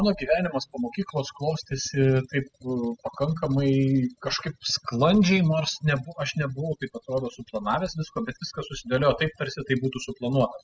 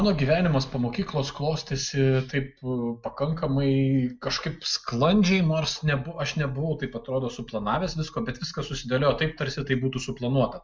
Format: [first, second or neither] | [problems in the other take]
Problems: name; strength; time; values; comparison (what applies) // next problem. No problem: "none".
second | noise reduction (classical method spectral subtraction)